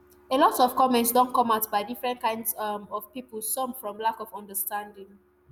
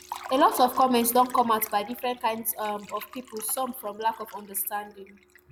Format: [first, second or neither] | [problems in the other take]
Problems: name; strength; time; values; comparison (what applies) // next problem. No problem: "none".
first | background sound (Liquid); 19 dB below the speech